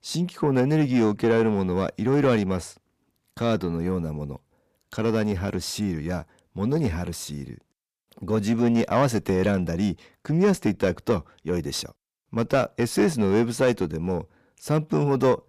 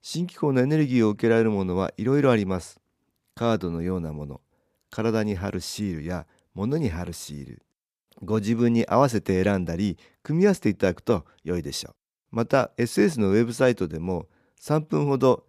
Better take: second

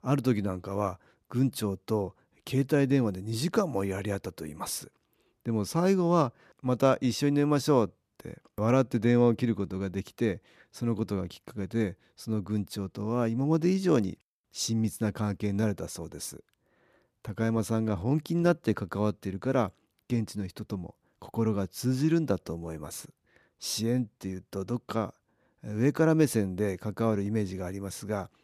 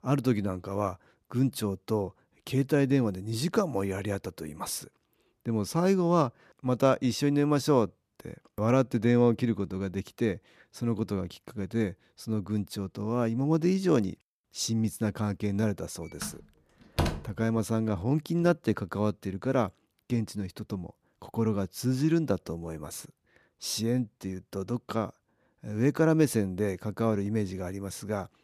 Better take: first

